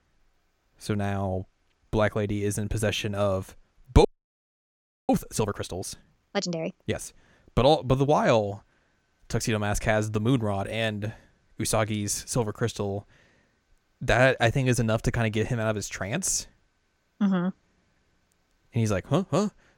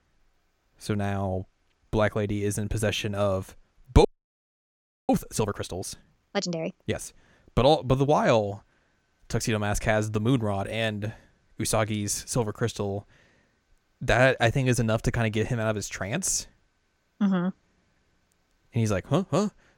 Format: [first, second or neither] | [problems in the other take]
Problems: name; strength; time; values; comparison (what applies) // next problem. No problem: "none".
neither | audio freezing; at 4 s for 1 s; the same in both